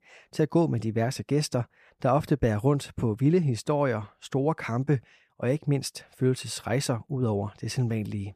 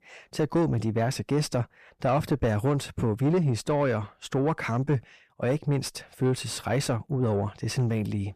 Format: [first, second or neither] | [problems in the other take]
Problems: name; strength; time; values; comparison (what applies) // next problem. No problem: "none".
first | distortion; slight; 10 dB below the speech